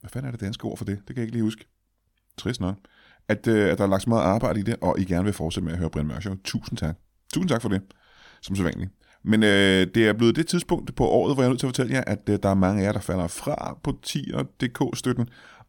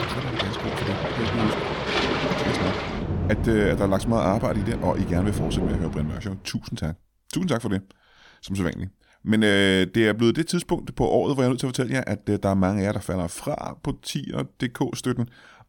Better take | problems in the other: first | rain or running water; loud; until 6 s; 2 dB below the speech

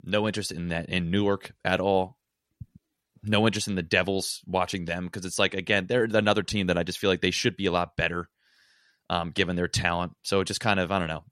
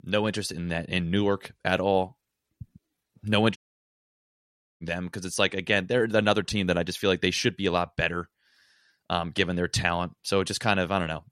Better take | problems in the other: first | audio cutting out; at 3.5 s for 1 s

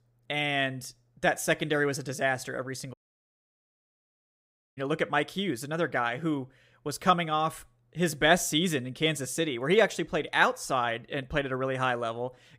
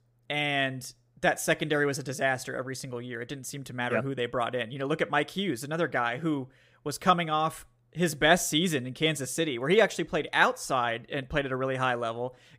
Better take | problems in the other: second | audio cutting out; at 3 s for 2 s

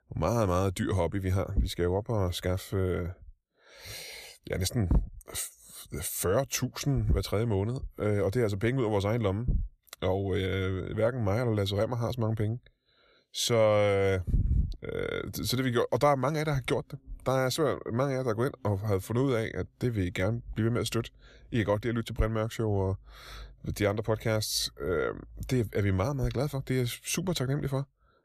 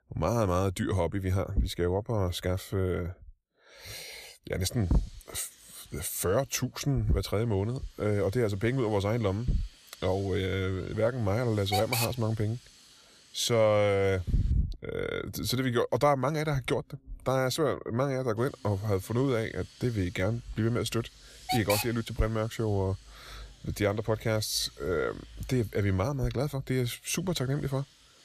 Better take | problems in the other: first | hiss; loud; from 4.5 to 15 s and from 18 s on; 7 dB below the speech

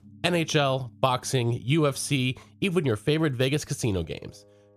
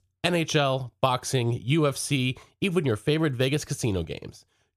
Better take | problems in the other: second | background music; faint; throughout; 30 dB below the speech

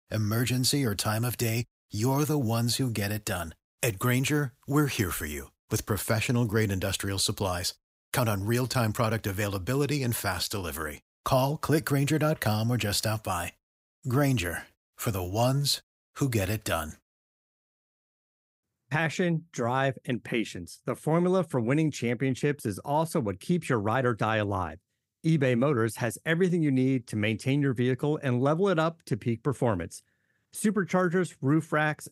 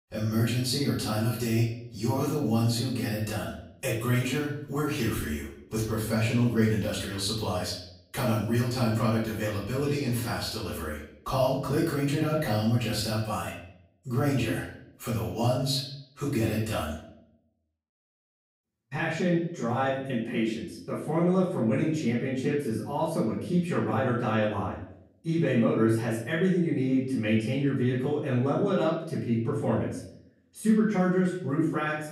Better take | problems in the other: first | off-mic speech; far // room echo; noticeable; dies away in 0.7 s

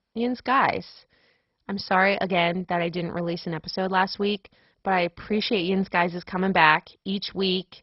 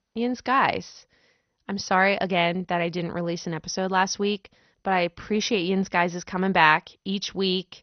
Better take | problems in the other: second | garbled, watery; badly; nothing above 5.5 kHz; slightly in the second

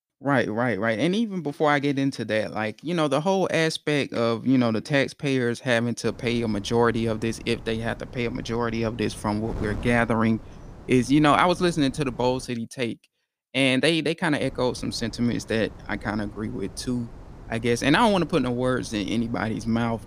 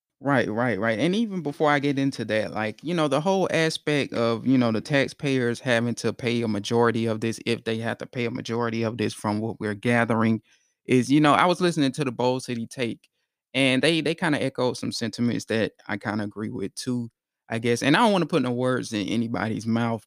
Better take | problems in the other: second | wind noise on the microphone; occasional gusts; from 6 to 12 s and from 14 s on; 25 dB below the speech

